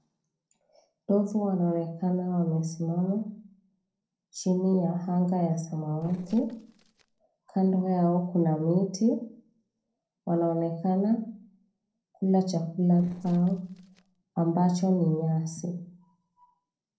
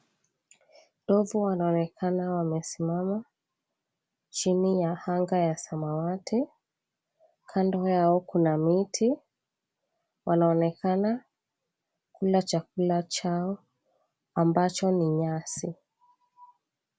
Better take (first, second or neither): second